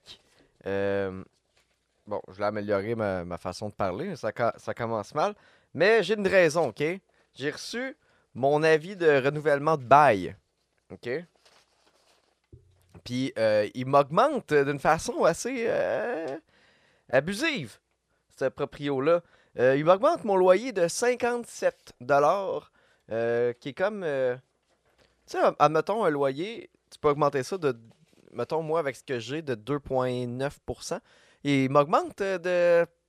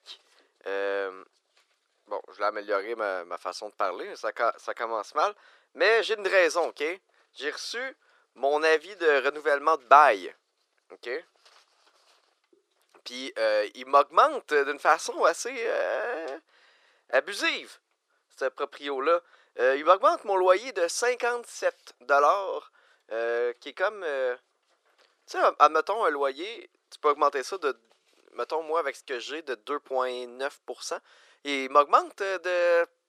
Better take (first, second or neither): first